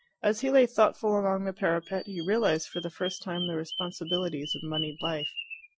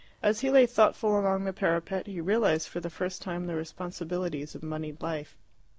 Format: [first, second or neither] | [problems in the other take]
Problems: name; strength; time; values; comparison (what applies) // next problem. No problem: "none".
second | noise reduction (classical method Wiener filter)